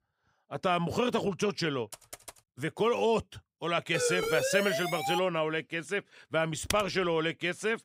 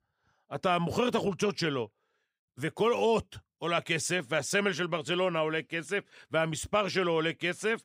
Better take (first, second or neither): second